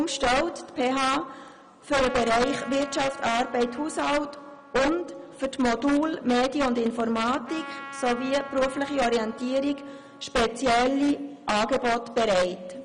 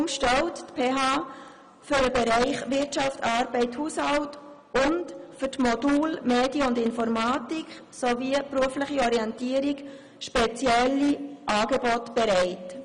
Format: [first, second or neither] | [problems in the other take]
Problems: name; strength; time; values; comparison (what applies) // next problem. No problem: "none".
second | background sound (Trumpet); 18 dB below the speech